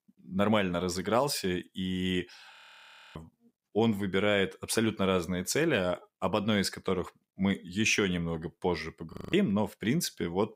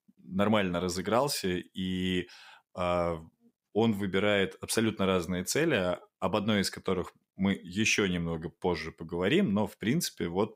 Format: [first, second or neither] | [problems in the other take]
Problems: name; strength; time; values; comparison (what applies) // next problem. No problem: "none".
second | audio freezing; at 2.5 s for 0.5 s and at 9 s